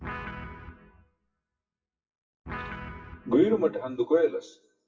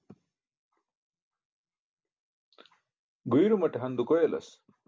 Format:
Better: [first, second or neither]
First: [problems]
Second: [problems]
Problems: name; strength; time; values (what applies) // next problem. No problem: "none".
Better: second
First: noise reduction (classical method WPE with log-MMSE)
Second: none